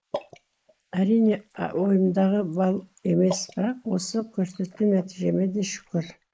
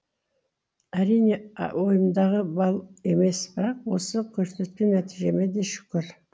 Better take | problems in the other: second | noise reduction (neural mask model Resemble Enhance denoiser)

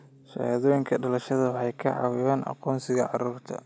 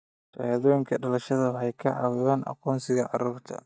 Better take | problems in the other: first | noise reduction (neural mask model DeepFilterNet 3)

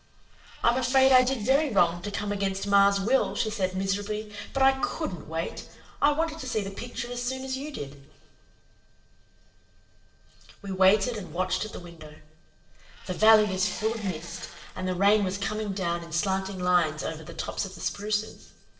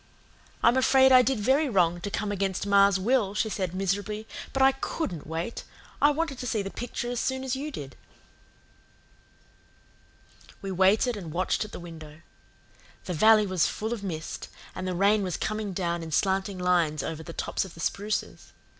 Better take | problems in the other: second | noise reduction (neural separator model SepFormer DNS4)

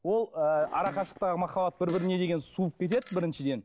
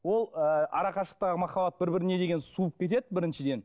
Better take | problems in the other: second | background sound (Fart); 19 dB below the speech

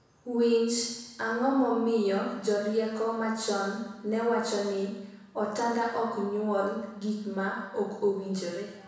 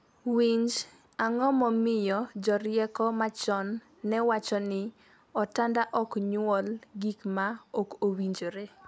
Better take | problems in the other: second | room echo; dies away in 1 s

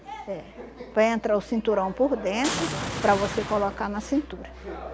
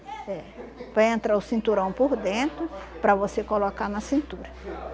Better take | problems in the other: second | background sound (Boom); 5 dB below the speech

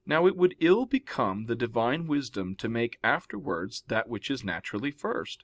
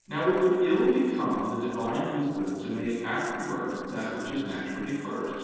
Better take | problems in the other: first | noise reduction (neural separator model SepFormer DNS4)

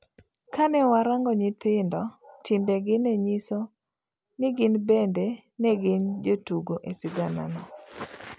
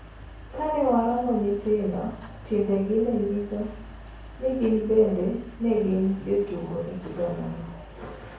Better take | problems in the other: first | background sound (Mechanical fan); 17 dB below the speech // room echo; dies away in 0.6 s

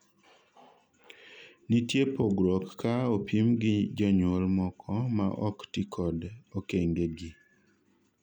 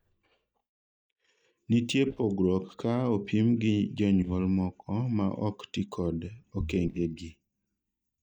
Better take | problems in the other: first | noise reduction (neural mask model DeepFilterNet 3)

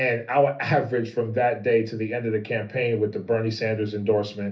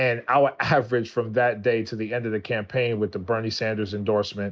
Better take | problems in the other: second | room echo; dies away in 0.3 s

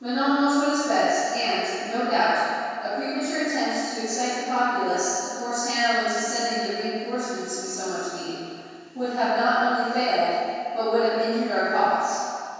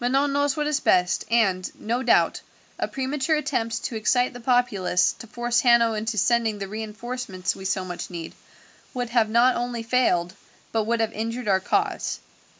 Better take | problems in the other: second | room echo; dies away in 2.2 s

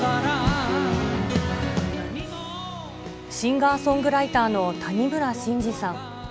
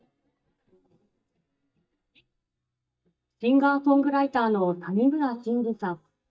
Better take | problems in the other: first | noise reduction (neural mask model DeepFilterNet 3)

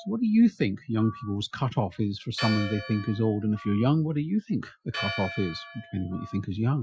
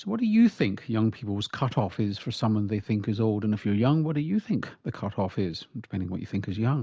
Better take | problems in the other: second | noise reduction (classical method Wiener filter)

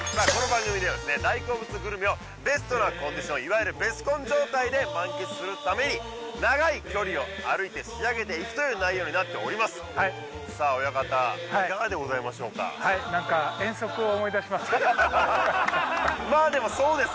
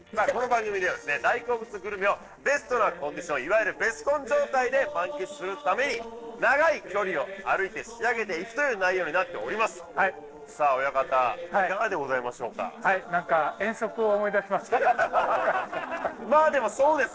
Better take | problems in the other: first | noise reduction (neural separator model SepFormer DNS4)

